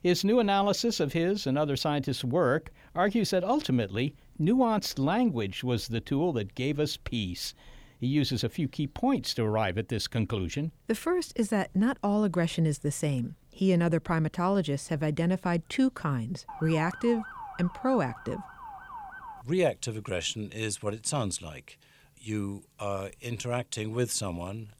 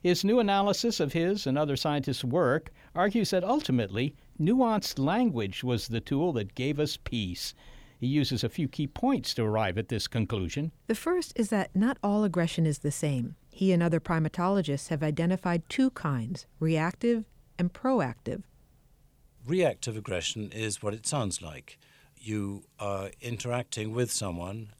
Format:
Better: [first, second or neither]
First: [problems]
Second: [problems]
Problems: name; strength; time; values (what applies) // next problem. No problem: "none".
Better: second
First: siren; faint; from 16 to 19 s; peak 10 dB below the speech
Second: none